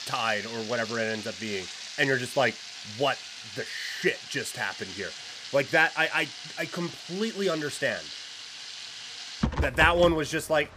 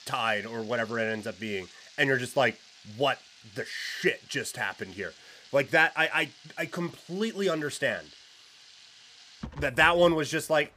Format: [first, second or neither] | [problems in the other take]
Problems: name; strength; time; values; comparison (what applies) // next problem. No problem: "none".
second | household noises; loud; throughout; 9 dB below the speech; faint in the second